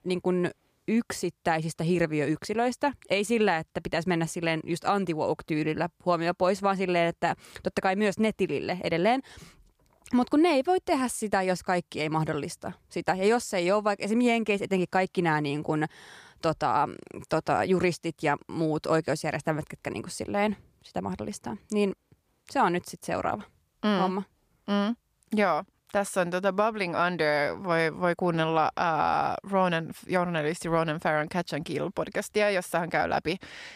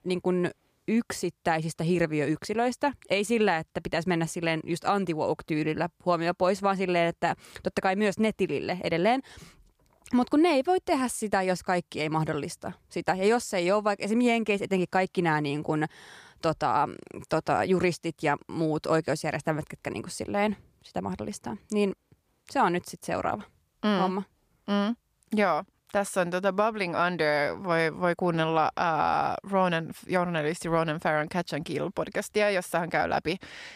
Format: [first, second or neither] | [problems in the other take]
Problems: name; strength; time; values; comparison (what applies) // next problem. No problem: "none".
neither | none